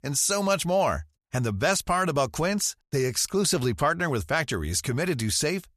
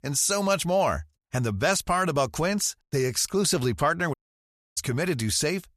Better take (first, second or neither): first